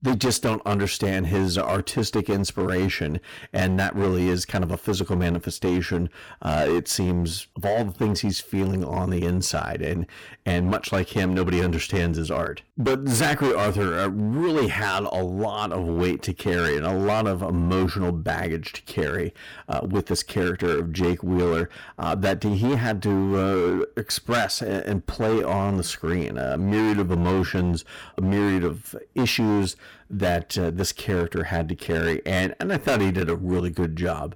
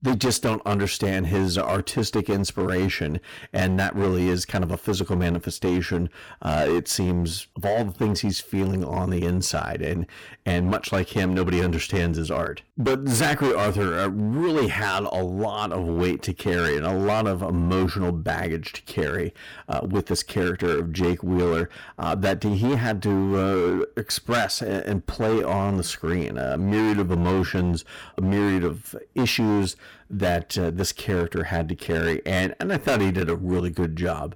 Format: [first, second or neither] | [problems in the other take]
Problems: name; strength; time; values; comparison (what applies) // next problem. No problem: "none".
neither | distortion; heavy; 15% of the sound clipped; the same in both